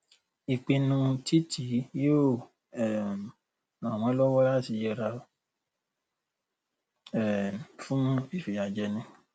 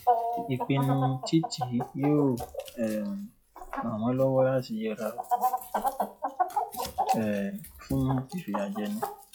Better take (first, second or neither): first